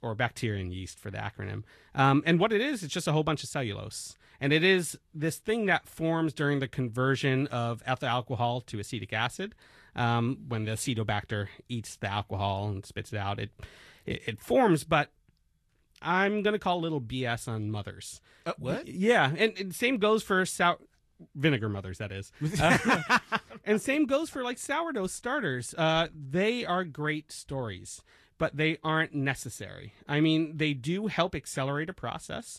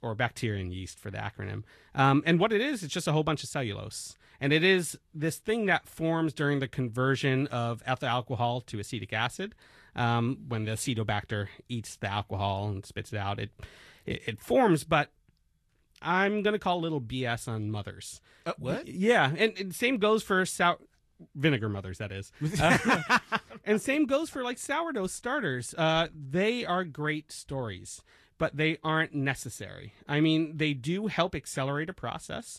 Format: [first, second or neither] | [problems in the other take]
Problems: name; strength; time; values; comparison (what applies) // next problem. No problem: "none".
neither | garbled, watery; slightly; nothing above 12.5 kHz; the same in both